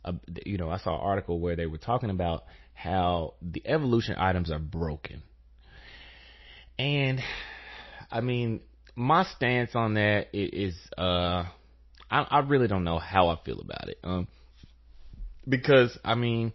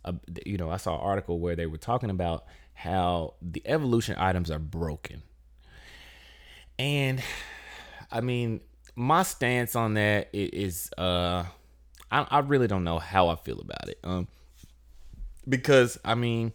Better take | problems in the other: second | garbled, watery; slightly; nothing above 5.5 kHz

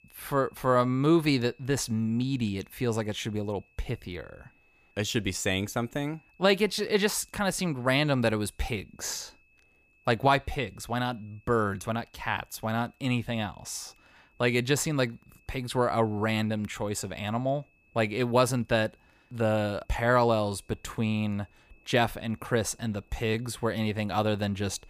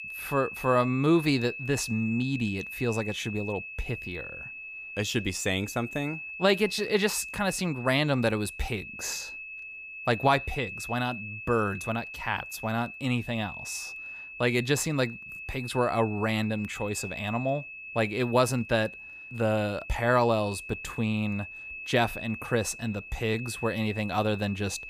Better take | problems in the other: first | high-pitched whine; loud; throughout; 2.5 kHz, 10 dB below the speech; faint in the first

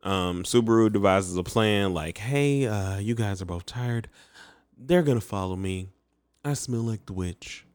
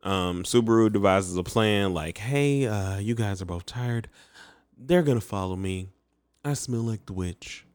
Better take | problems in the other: neither | none

